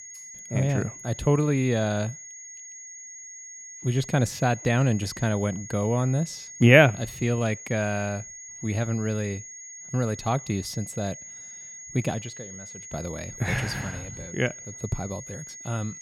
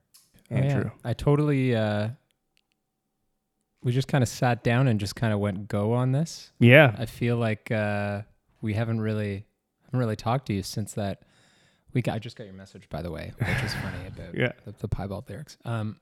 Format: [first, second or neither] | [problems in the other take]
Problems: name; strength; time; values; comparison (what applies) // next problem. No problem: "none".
second | high-pitched whine; noticeable; throughout; 6.5 kHz, 15 dB below the speech